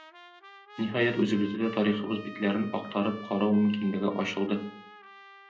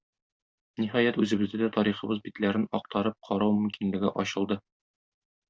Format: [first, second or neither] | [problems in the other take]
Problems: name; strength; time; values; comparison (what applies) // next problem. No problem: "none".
second | background sound (Trumpet); 18 dB below the speech // room echo; dies away in 0.5 s